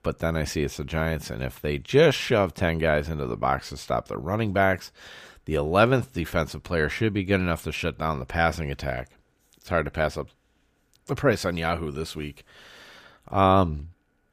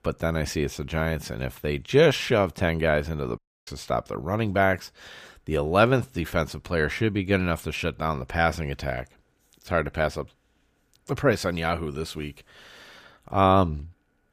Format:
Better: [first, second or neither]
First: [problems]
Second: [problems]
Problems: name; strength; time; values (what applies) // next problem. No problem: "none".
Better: first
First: none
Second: audio cutting out; at 3.5 s